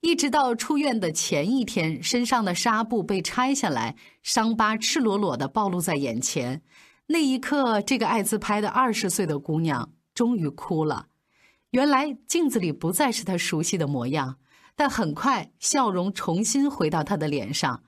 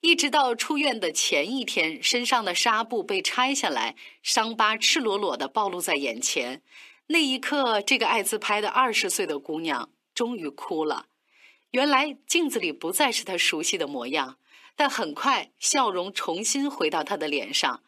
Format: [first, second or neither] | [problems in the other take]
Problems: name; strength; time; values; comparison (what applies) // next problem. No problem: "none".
first | thin; very slightly; fading below 300 Hz